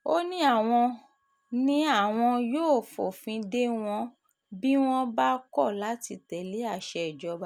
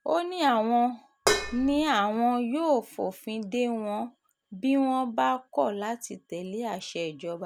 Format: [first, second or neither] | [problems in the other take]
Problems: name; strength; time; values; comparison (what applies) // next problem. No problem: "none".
first | background sound (Dishes, pots, and pans); as loud as the speech